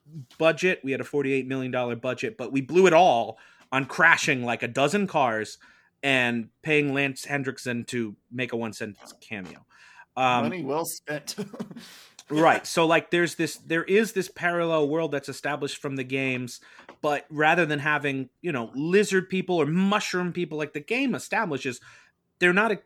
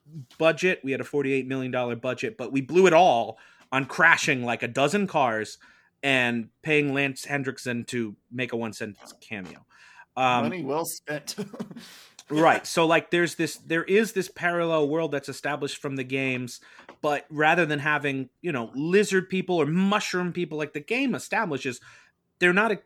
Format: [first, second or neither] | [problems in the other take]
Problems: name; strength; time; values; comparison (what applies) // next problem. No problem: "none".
neither | none